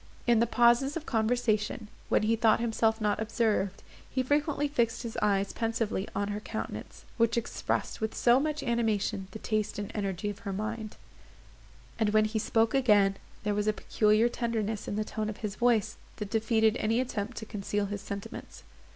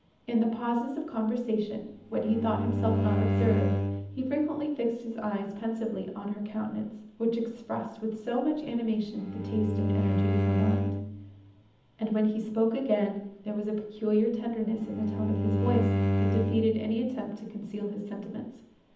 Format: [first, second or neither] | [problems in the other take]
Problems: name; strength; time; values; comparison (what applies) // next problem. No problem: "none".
first | background sound (Bowed string instrument); 1 dB above the speech // room echo; dies away in 0.8 s